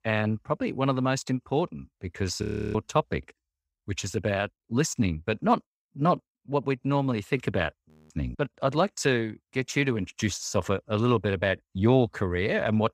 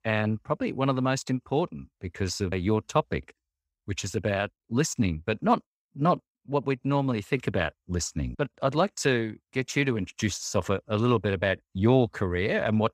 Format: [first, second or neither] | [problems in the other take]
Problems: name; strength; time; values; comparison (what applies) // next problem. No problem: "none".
second | audio freezing; at 2.5 s and at 8 s